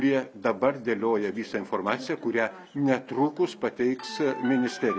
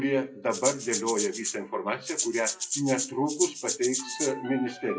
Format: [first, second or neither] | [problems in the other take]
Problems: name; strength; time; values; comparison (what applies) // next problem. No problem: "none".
first | noise reduction (classical method WPE with log-MMSE)